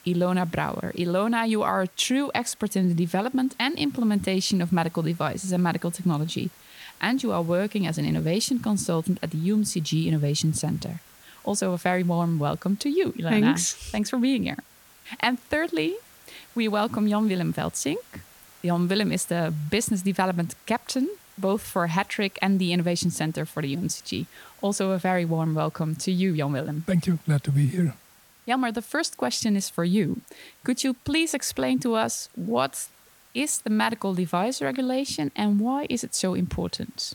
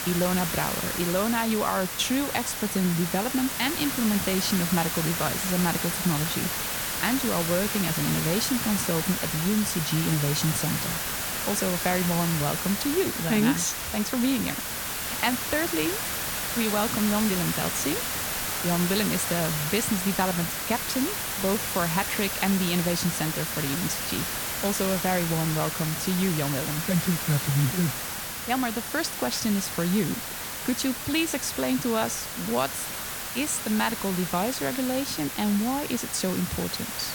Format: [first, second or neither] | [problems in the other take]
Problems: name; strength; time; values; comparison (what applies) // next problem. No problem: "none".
first | hiss; loud; throughout; 1 dB below the speech; faint in the first